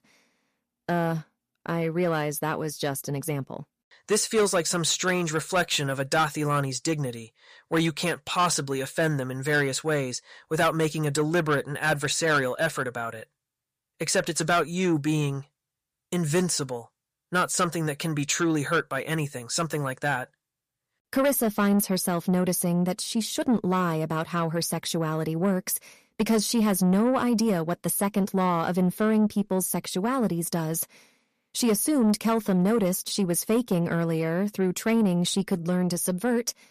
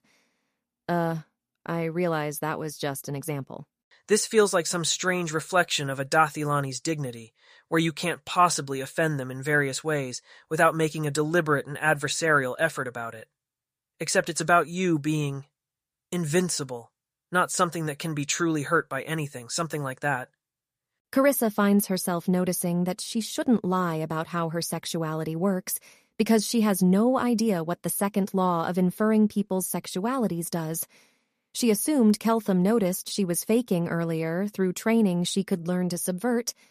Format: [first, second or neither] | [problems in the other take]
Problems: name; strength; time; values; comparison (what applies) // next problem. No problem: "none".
second | distortion; slight; 10 dB below the speech